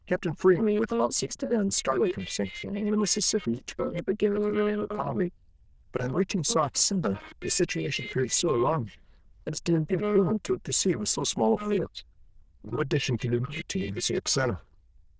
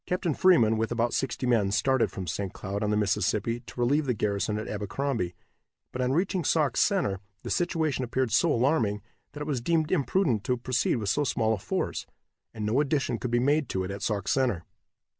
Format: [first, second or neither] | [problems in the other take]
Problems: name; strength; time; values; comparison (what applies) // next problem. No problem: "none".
second | noise reduction (neural diffusion model UNIVERSE++)